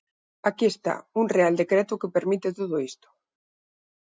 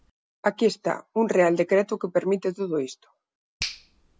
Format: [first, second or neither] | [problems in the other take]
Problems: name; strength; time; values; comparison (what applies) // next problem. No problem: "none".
first | background sound (Finger snapping); 18 dB below the speech